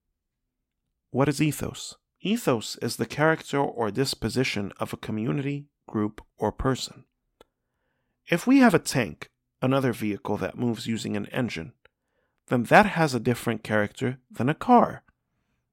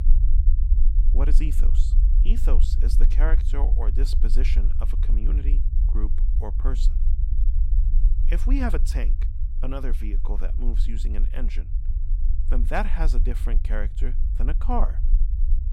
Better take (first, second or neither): first